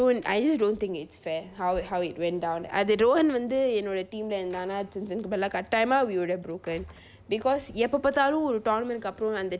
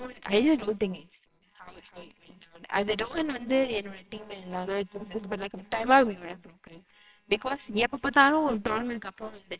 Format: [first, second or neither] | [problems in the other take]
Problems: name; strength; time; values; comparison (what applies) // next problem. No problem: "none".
first | noise reduction (neural separator model SepFormer WHAMR!)